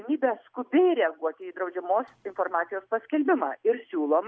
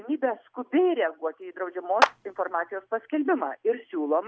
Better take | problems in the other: first | background sound (Clapping); 1 dB below the speech

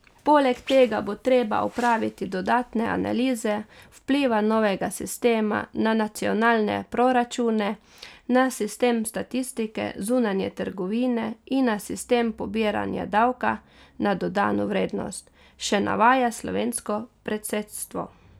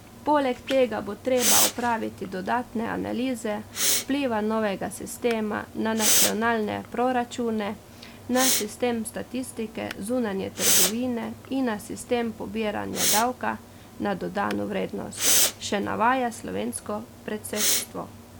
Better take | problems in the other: first | background sound (Respiratory sounds); 2 dB below the speech

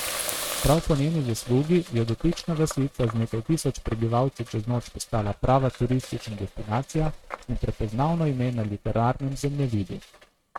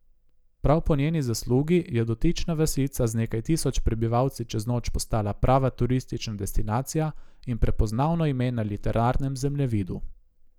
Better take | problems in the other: second | noise reduction (neural mask model RNNoise)

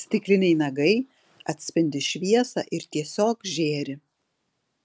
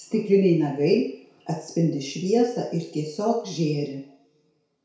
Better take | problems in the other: first | room echo; dies away in 0.6 s

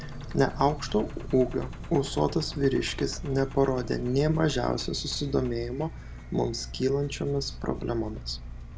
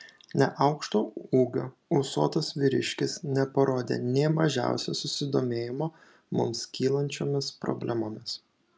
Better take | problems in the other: second | background sound (Engine); 10 dB below the speech

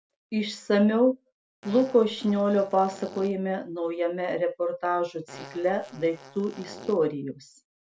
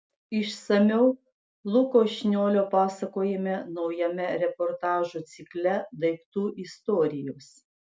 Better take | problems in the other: second | background sound (Fart); 18 dB below the speech

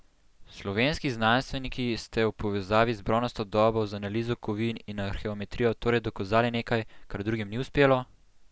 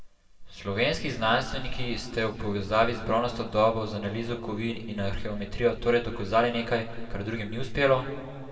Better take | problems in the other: first | room echo; dies away in 1.7 s

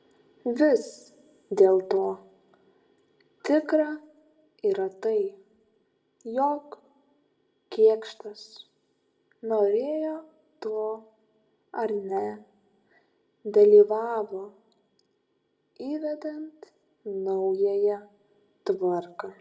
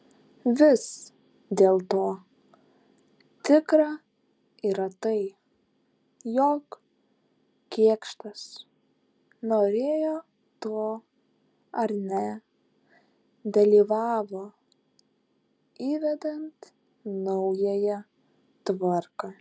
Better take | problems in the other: second | room echo; dies away in 0.4 s

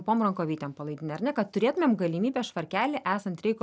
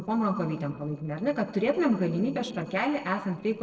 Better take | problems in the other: first | noise reduction (neural separator model SepFormer DNS4)

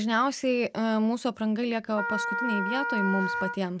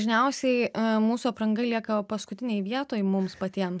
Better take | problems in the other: second | background sound (Wind instrument, woodwind instrument); 3 dB below the speech

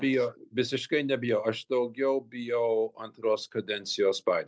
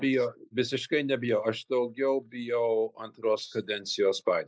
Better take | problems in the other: first | noise reduction (neural mask model Resemble Enhance denoiser)

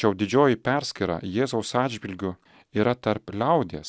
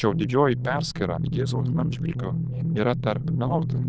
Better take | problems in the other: first | noise reduction (neural diffusion model UNIVERSE++)

